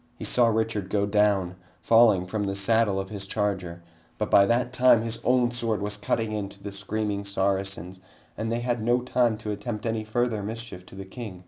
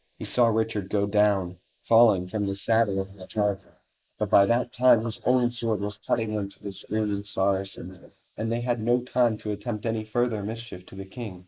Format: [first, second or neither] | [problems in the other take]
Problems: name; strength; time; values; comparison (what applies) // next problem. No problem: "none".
first | noise reduction (neural mask model Resemble Enhance denoiser)